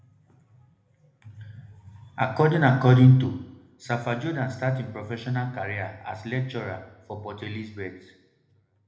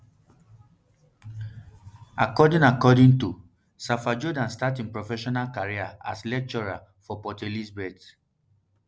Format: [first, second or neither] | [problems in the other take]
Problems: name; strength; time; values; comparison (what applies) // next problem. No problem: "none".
second | room echo; dies away in 0.8 s